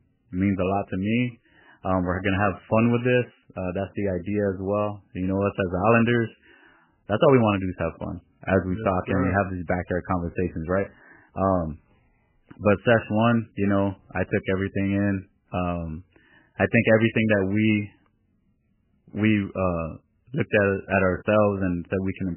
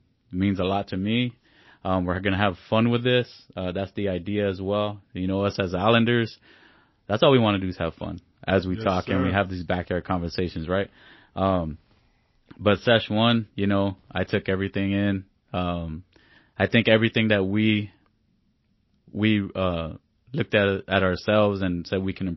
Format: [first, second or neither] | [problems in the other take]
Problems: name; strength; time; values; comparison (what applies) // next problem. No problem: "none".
second | garbled, watery; badly; nothing above 3 kHz; slightly in the second